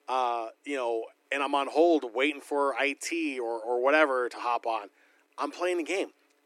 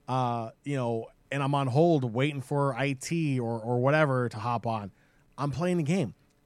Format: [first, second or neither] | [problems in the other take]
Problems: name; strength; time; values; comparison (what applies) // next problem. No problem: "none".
second | thin; somewhat; fading below 300 Hz